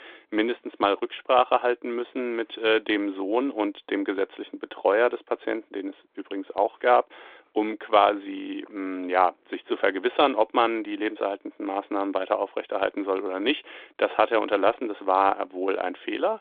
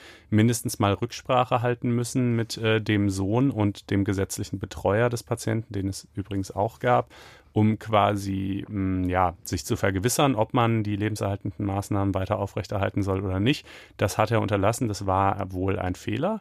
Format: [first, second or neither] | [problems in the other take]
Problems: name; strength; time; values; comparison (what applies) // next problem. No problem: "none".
second | phone-call audio; nothing above 3.5 kHz